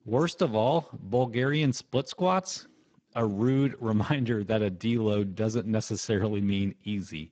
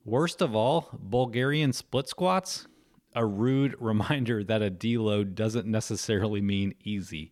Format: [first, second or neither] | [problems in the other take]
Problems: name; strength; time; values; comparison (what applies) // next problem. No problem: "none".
second | garbled, watery; badly